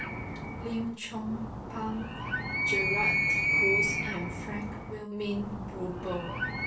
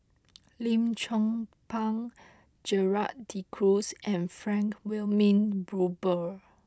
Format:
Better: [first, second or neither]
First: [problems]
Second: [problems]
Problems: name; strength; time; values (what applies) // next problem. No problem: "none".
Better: second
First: background sound (Animal); 5 dB above the speech // room echo; dies away in 0.3 s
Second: none